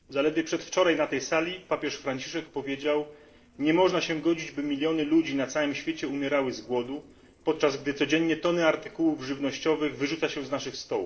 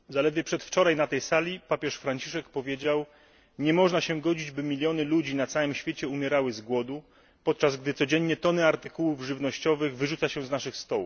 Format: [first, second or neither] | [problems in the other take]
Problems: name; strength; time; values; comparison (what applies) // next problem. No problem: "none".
second | noise reduction (neural separator model SepFormer DNS4)